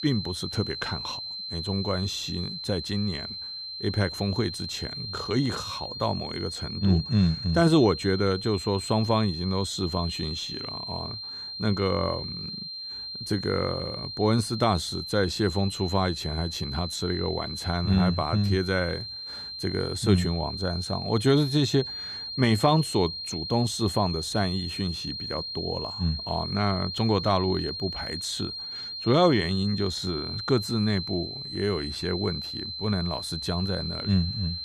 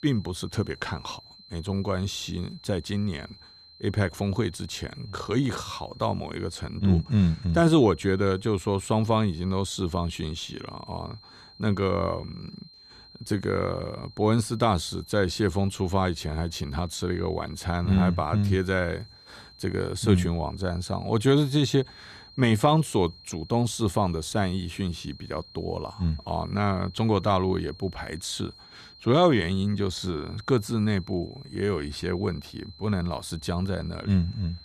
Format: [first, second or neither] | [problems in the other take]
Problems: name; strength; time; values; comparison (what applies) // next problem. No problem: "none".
second | high-pitched whine; loud; throughout; 4 kHz, 6 dB below the speech; faint in the second